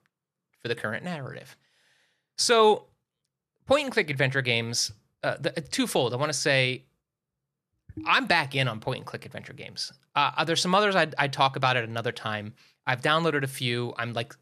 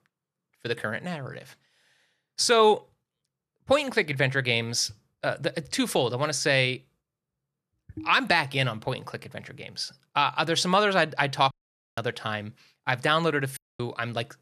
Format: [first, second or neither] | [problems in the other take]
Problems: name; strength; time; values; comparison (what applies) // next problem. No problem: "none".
first | audio cutting out; at 12 s and at 14 s